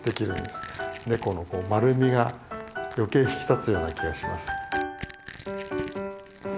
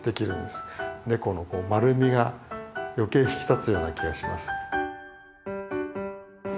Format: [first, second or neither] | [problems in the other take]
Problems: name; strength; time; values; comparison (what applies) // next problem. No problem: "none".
second | background sound (Crushing); 18 dB below the speech